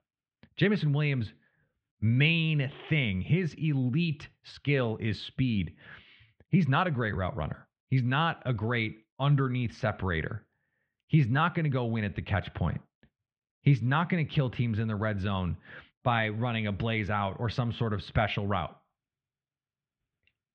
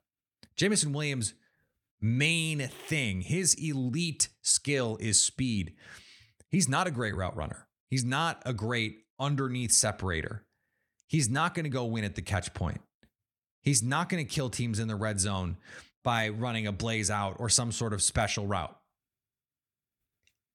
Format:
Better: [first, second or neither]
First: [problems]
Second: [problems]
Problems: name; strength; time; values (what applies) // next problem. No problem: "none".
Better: second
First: muffled; very; fading above 3.5 kHz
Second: none